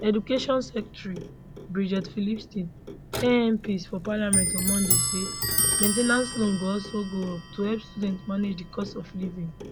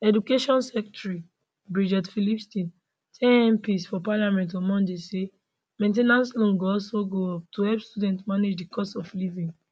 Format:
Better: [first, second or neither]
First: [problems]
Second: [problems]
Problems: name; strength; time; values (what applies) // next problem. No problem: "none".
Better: second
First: background sound (Clock); 3 dB below the speech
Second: none